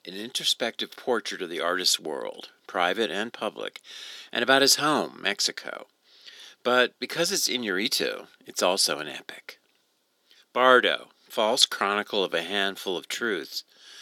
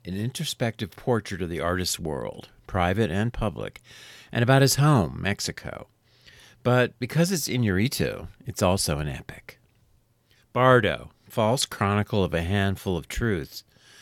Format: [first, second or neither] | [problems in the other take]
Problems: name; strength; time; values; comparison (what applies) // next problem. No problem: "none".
second | thin; somewhat; fading below 250 Hz